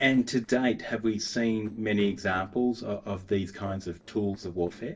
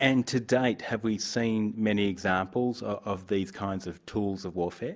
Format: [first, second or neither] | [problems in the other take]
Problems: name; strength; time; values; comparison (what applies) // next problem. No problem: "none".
second | noise reduction (neural separator model SepFormer DNS4)